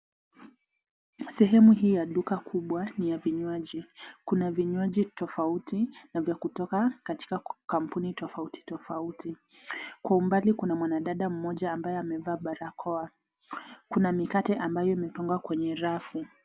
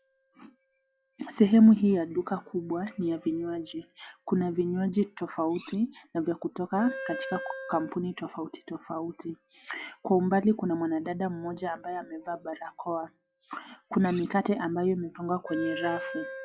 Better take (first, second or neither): first